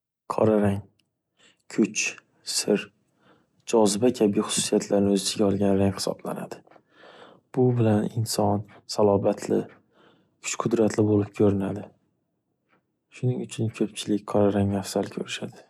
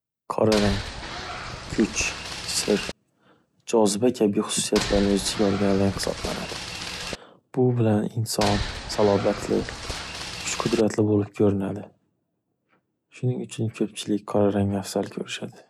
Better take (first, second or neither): first